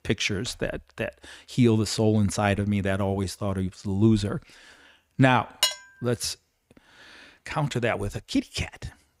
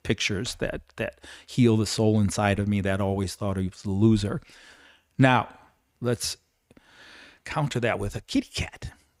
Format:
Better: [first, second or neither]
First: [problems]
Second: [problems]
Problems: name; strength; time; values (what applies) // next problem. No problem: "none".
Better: second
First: clattering dishes; loud; at 5.5 s; peak 1 dB above the speech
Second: none